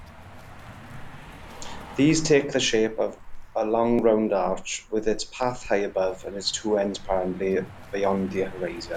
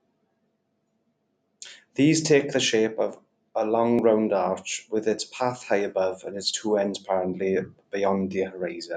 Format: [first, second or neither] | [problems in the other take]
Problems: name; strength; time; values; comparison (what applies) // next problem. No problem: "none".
second | background sound (Car passing by); 13 dB below the speech